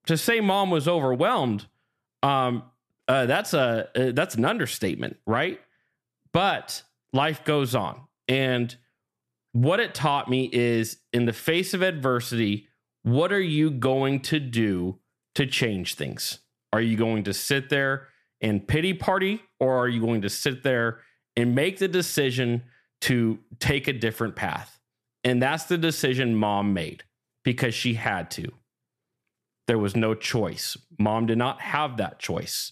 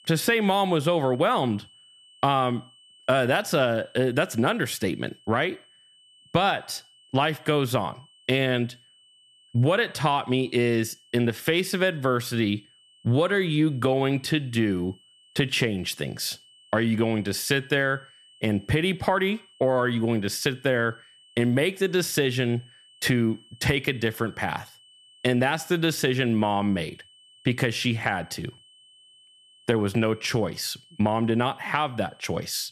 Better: first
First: none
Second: high-pitched whine; faint; throughout; 3 kHz, 30 dB below the speech

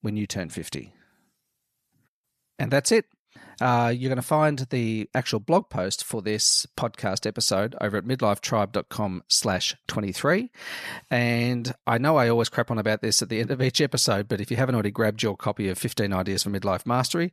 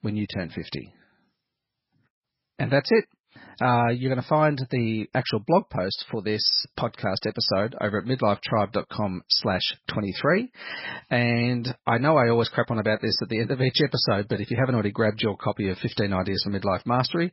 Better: first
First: none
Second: garbled, watery; badly; nothing above 5.5 kHz

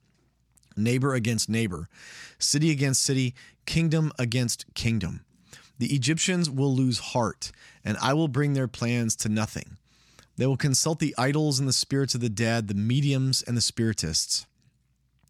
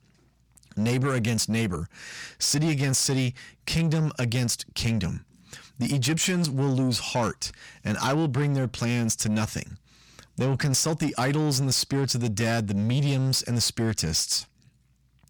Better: first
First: none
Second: distortion; slight; 10 dB below the speech

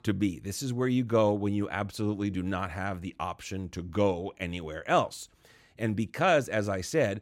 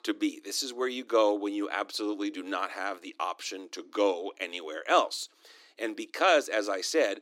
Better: first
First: none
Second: thin; somewhat; fading below 300 Hz

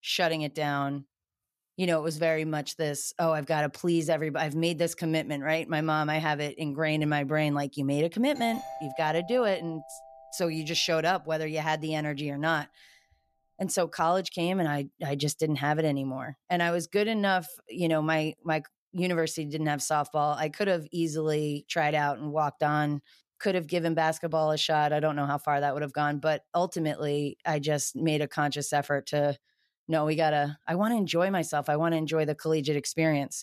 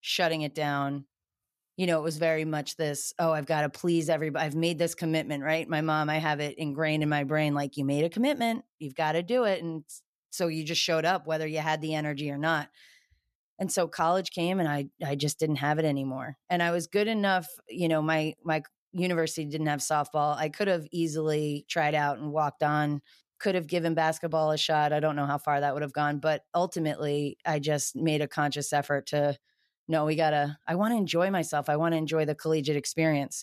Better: second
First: doorbell; faint; from 8.5 to 11 s; peak 10 dB below the speech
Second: none

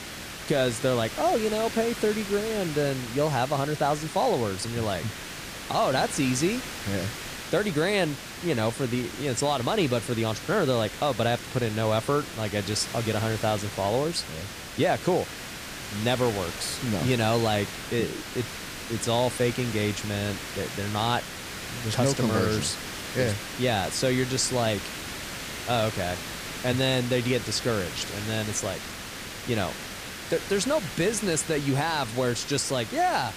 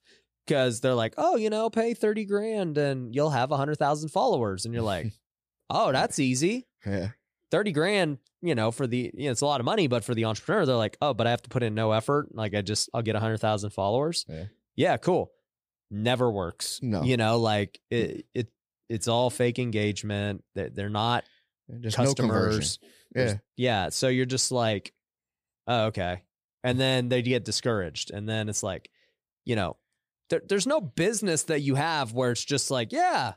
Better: second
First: hiss; loud; throughout; 8 dB below the speech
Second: none

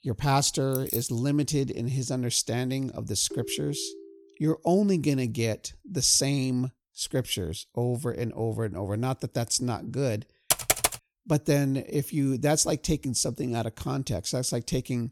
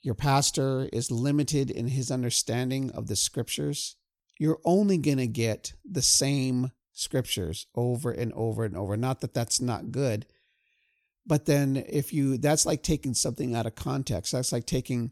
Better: second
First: jangling keys; noticeable; at 0.5 s; peak 5 dB below the speech // phone ringing; faint; at 3.5 s; peak 10 dB below the speech // keyboard typing; loud; at 11 s; peak 4 dB above the speech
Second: none

